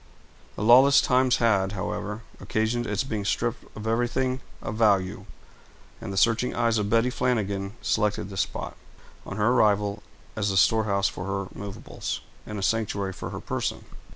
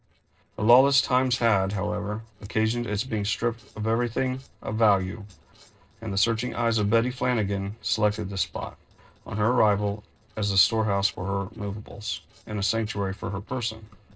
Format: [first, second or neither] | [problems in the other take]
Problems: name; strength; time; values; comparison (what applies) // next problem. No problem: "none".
first | noise reduction (neural separator model SepFormer DNS4)